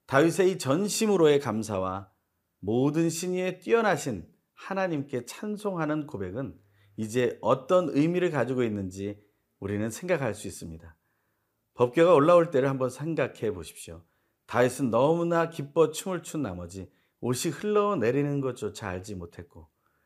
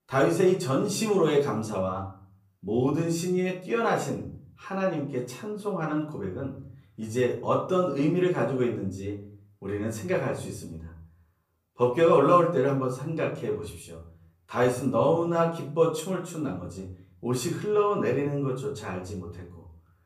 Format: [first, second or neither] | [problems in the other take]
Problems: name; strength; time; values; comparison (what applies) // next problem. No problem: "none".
first | room echo; slight; dies away in 0.5 s // off-mic speech; far